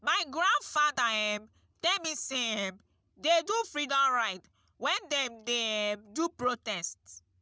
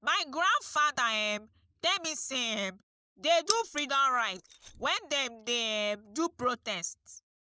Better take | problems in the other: first | noise reduction (neural mask model Resemble Enhance denoiser)

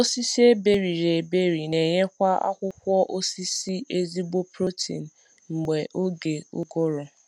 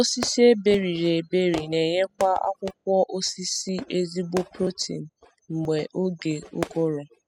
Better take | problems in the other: first | noise reduction (classical method spectral subtraction)

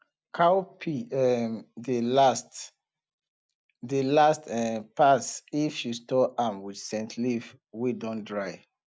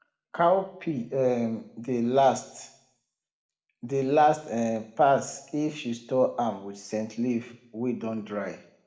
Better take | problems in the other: first | room echo; dies away in 0.6 s

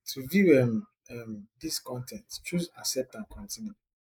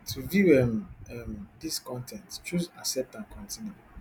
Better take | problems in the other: second | noise reduction (neural mask model Resemble Enhance denoiser)

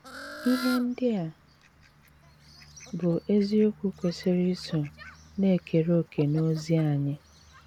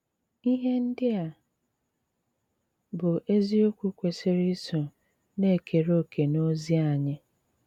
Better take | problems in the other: second | background sound (Fowl); 18 dB below the speech

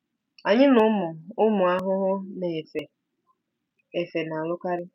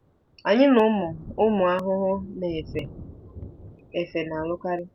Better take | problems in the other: first | background sound (Thunder); 18 dB below the speech

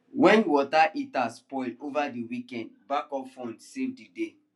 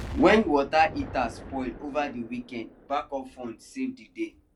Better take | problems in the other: first | background sound (Explosion); 15 dB below the speech

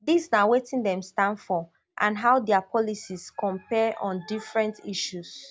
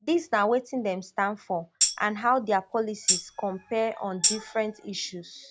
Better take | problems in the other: first | background sound (Tambourine); 1 dB below the speech

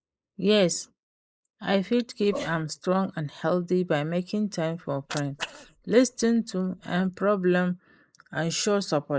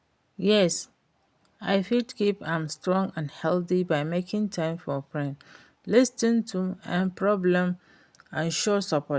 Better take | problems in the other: second | noise reduction (neural mask model Resemble Enhance denoiser)

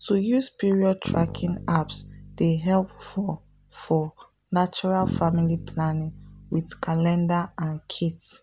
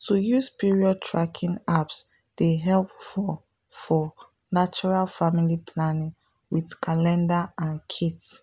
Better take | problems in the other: second | background sound (Bass guitar); 12 dB below the speech

